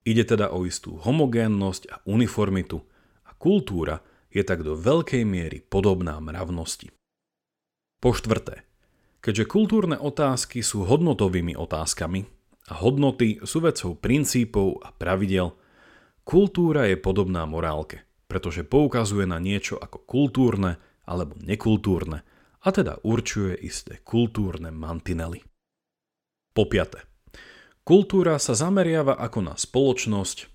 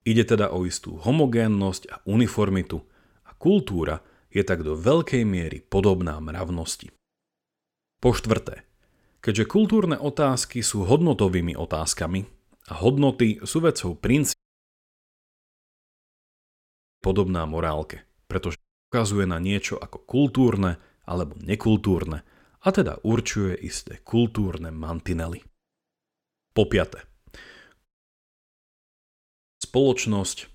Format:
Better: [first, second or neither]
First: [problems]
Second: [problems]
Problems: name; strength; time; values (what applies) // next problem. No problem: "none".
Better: first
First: none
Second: audio cutting out; at 14 s for 2.5 s, at 19 s and at 28 s for 2 s